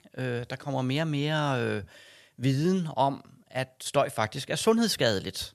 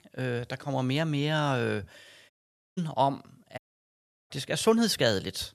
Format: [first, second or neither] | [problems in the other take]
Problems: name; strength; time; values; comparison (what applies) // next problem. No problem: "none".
first | audio cutting out; at 2.5 s and at 3.5 s for 0.5 s